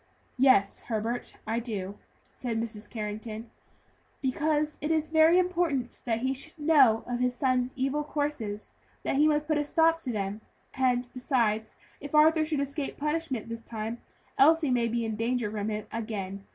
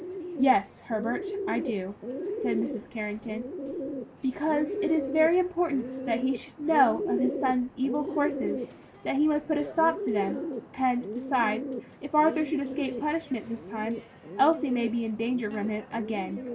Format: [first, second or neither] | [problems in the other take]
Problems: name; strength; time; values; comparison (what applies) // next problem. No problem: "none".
first | background sound (Bird); 7 dB below the speech